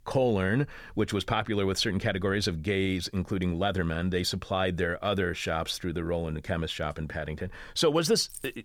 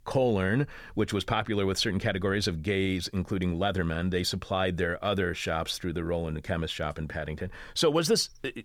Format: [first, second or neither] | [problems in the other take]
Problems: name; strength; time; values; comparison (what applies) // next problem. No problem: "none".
second | jangling keys; very faint; at 8.5 s; peak 15 dB below the speech